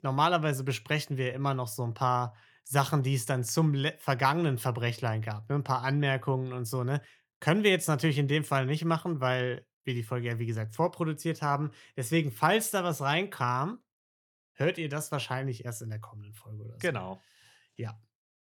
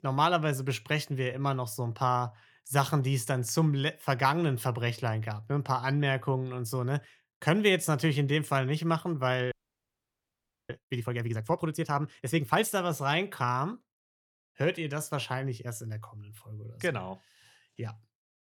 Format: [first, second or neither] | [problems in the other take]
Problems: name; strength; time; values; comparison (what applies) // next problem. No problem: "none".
first | audio freezing; at 9.5 s for 1 s